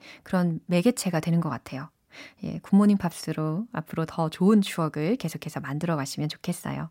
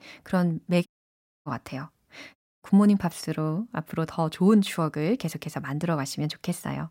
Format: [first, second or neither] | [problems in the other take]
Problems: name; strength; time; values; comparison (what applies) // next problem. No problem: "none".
first | audio cutting out; at 1 s for 0.5 s and at 2.5 s